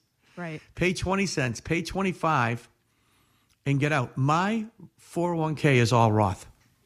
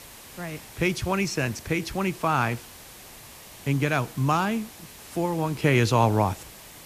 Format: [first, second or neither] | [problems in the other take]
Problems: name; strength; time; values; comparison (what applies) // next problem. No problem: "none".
first | hiss; noticeable; throughout; 20 dB below the speech